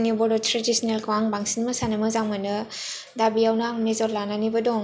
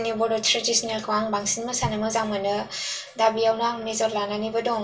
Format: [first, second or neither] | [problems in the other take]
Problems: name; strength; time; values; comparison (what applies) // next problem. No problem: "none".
first | room echo; dies away in 0.1 s